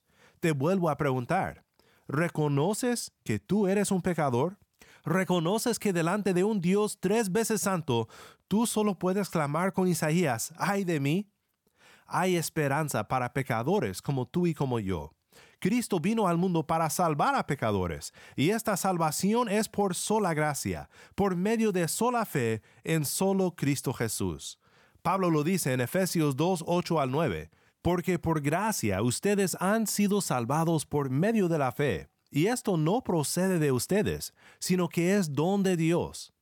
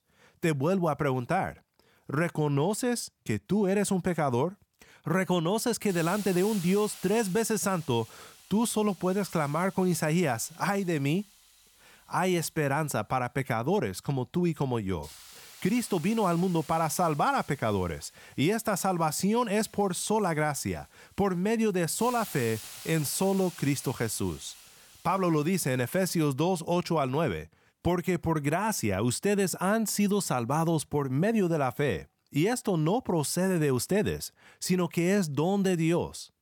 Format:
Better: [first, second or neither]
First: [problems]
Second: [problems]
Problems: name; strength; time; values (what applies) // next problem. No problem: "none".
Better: first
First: none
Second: hiss; noticeable; from 6 to 26 s; 20 dB below the speech